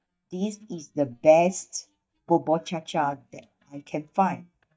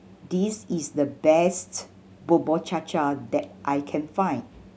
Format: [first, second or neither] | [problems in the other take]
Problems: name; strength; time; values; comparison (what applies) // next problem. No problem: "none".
second | noise reduction (neural mask model DeepFilterNet 3)